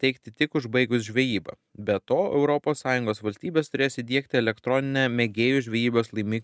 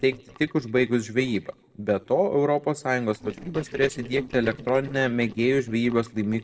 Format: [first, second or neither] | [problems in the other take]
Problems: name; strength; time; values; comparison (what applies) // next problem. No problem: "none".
first | noise reduction (neural separator model SepFormer DNS4)